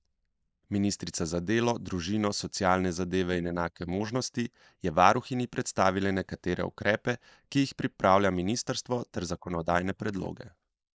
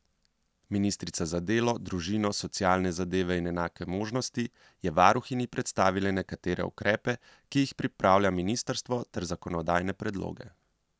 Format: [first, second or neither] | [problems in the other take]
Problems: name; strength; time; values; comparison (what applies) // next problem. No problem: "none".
second | noise reduction (neural mask model Resemble Enhance denoiser)